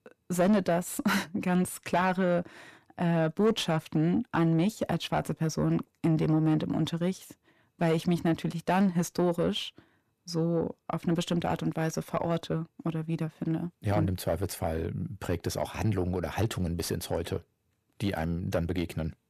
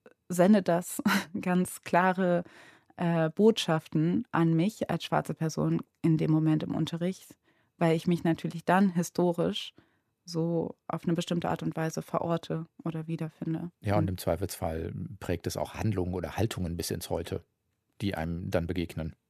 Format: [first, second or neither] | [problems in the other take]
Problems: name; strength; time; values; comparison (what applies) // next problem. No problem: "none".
second | distortion; slight; 10 dB below the speech